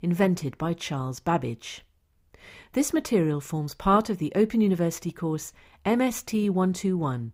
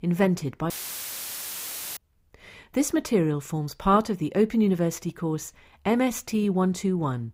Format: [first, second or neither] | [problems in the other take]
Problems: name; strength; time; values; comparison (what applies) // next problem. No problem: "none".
first | audio cutting out; filled with static; at 0.5 s for 1.5 s